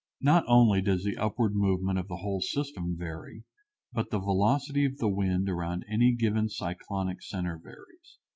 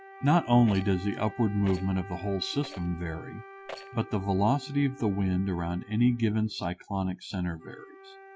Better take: first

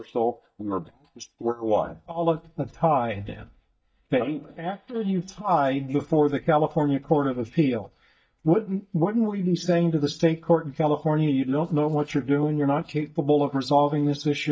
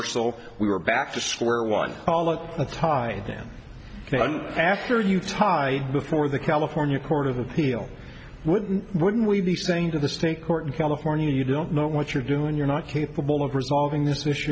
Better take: second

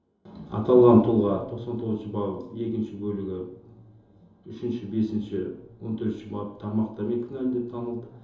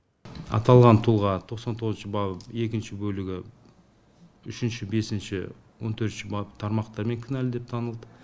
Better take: second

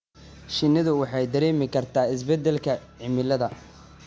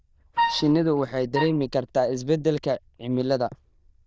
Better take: first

